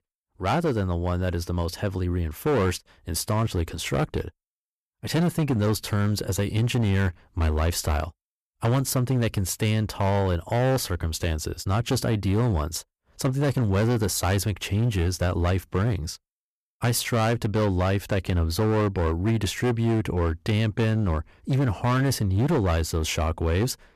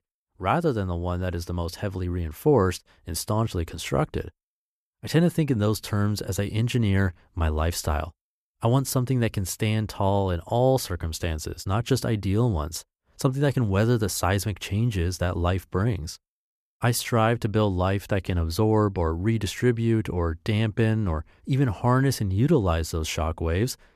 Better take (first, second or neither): second